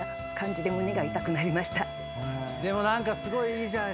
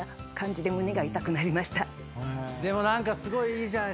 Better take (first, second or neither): second